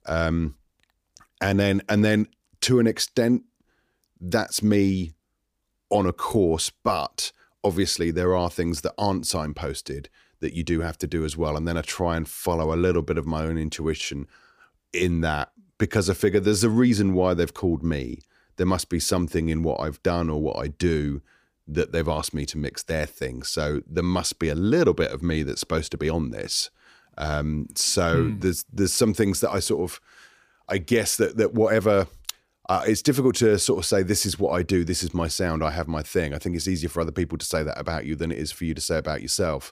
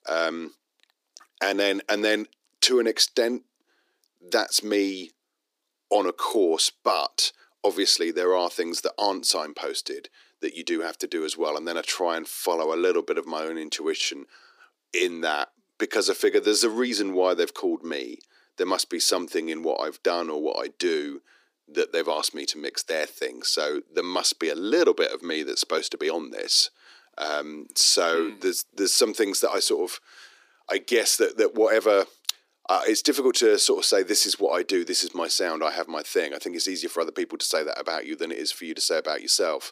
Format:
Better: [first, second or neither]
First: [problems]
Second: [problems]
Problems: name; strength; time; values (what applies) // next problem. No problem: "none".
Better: first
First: none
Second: thin; somewhat; fading below 300 Hz